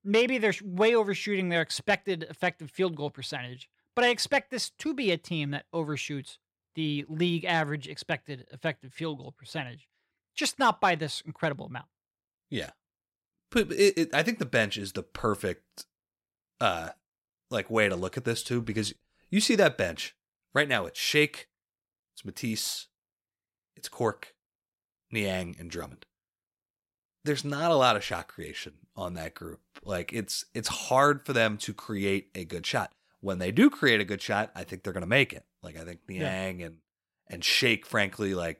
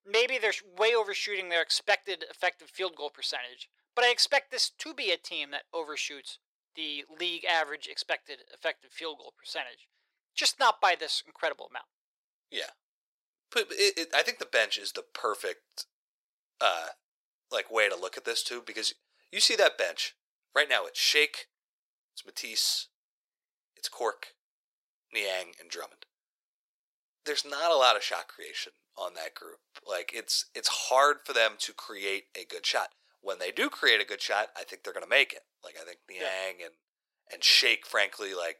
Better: first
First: none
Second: thin; very; fading below 450 Hz

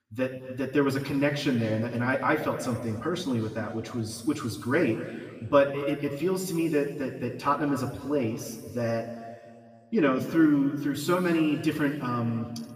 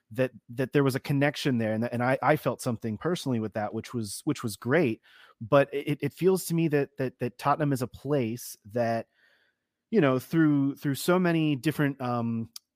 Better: second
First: room echo; noticeable; dies away in 1.9 s // off-mic speech; somewhat distant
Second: none

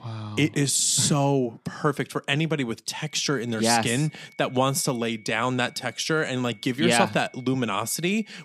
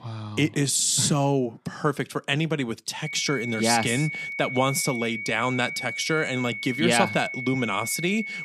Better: first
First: high-pitched whine; faint; from 3 s on; 2 kHz, 25 dB below the speech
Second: high-pitched whine; loud; from 3 s on; 2 kHz, 7 dB below the speech

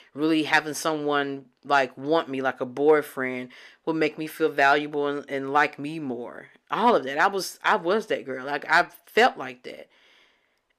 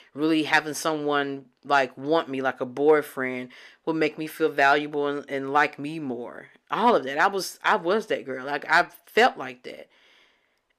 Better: neither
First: none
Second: none

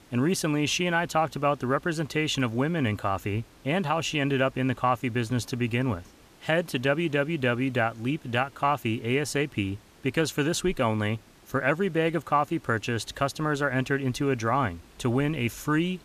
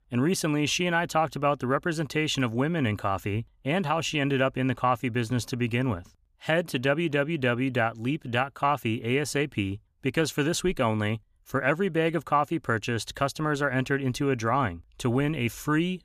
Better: second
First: hiss; faint; throughout; 25 dB below the speech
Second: none

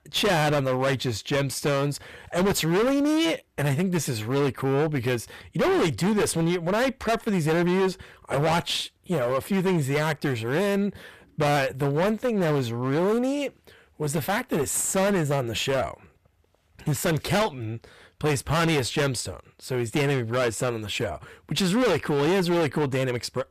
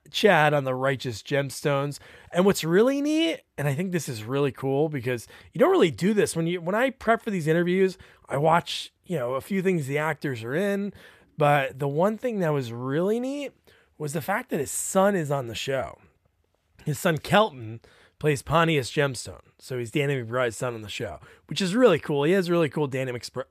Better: second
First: distortion; heavy; 20% of the sound clipped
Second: none

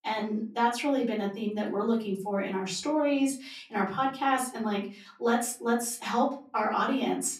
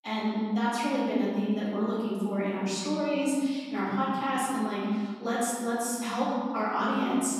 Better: first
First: room echo; slight; dies away in 0.4 s // off-mic speech; far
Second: room echo; strong; dies away in 1.7 s // off-mic speech; far

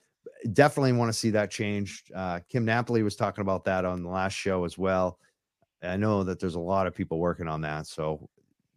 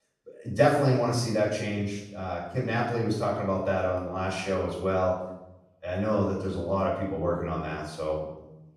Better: first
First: none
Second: off-mic speech; far // room echo; noticeable; dies away in 0.8 s

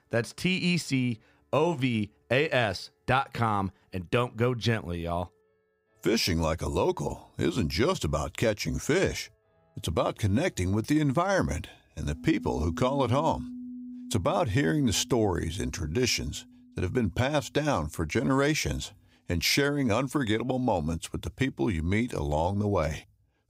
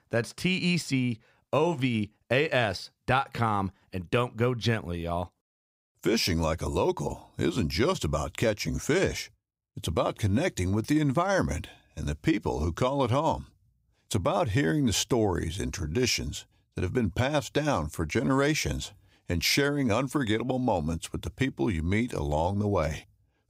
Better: second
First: background music; noticeable; throughout; 15 dB below the speech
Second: none

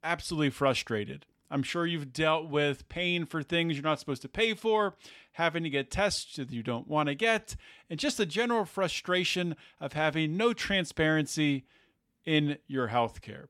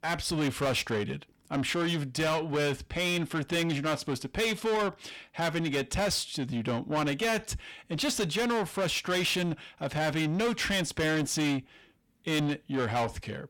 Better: first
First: none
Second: distortion; heavy; 7 dB below the speech

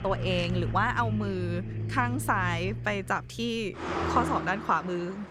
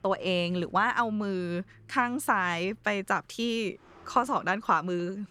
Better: second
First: traffic noise; loud; throughout; 4 dB below the speech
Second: traffic noise; faint; throughout; 30 dB below the speech

